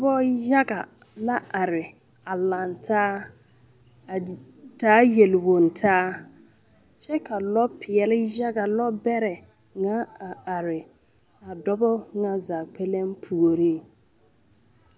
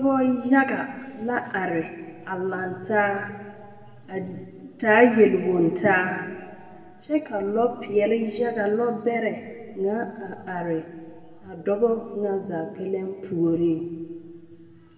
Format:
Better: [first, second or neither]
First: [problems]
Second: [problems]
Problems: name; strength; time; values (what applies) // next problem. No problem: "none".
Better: first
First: none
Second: room echo; dies away in 1.7 s